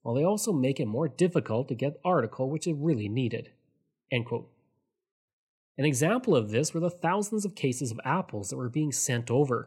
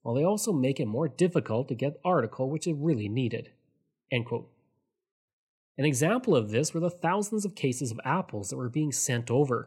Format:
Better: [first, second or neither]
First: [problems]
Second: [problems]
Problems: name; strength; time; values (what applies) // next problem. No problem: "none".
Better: neither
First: none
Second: none